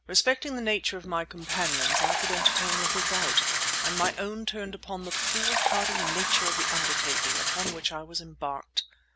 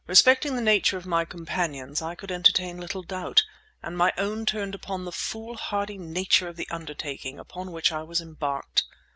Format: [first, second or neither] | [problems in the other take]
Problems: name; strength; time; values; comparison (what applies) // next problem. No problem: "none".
second | background sound (Fill (with liquid)); 3 dB above the speech